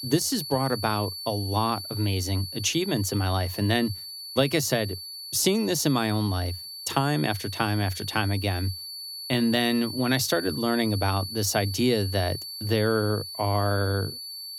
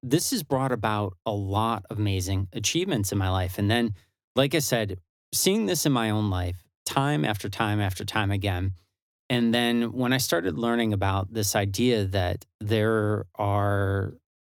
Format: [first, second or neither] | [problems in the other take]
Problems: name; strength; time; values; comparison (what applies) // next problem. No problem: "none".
second | high-pitched whine; loud; throughout; 4.5 kHz, 9 dB below the speech